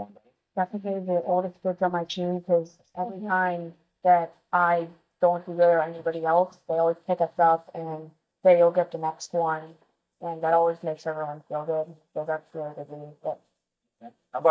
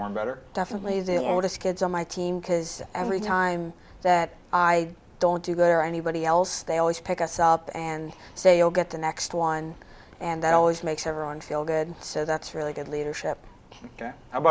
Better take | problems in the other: second | noise reduction (neural mask model DeepFilterNet 3)

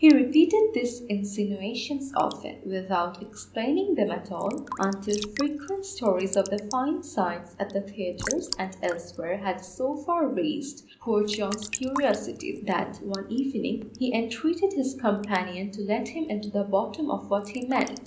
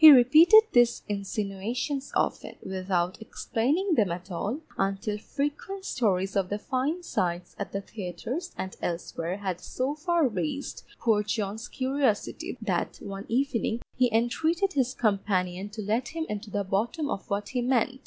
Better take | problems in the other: second | background sound (Raindrop / Drip / Trickle, dribble); 16 dB below the speech // room echo; dies away in 0.5 s

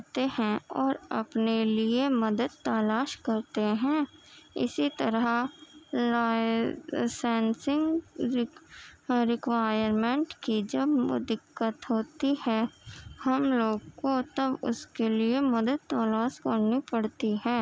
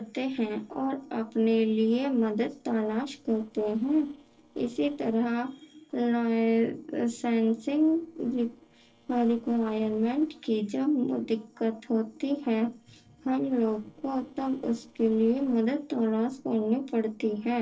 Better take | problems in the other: first | noise reduction (neural separator model SepFormer DNS4)

